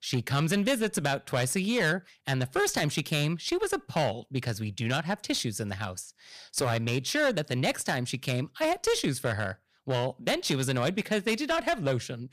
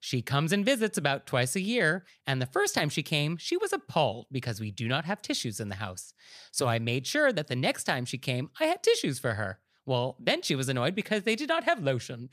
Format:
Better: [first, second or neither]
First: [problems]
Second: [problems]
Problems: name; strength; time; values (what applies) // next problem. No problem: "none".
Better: second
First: distortion; slight; 9% of the sound clipped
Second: none